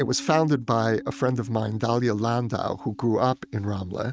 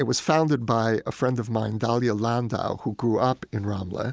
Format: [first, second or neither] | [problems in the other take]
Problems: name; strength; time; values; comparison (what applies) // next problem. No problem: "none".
second | noise reduction (neural mask model RNNoise)